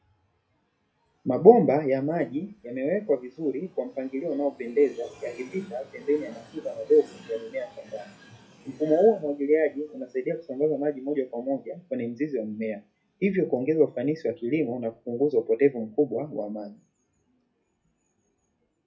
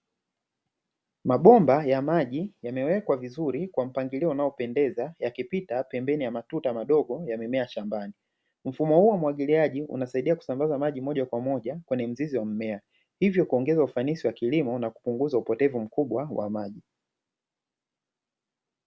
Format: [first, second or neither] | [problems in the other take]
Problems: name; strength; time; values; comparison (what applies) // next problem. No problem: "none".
second | noise reduction (classical method WPE with log-MMSE)